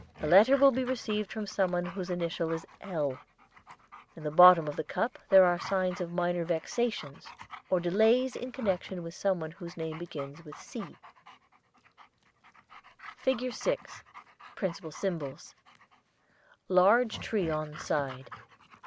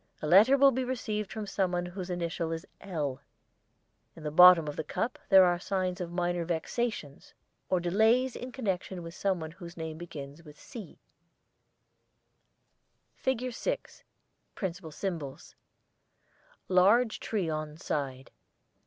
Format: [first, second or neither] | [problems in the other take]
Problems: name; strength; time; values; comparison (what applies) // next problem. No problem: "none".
second | background sound (Dog); 19 dB below the speech